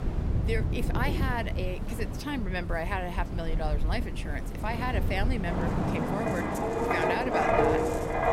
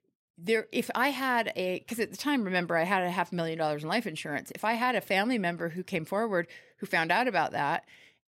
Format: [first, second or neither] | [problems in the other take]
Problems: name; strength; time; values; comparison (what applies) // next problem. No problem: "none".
second | wind in the background; very loud; throughout; 4 dB above the speech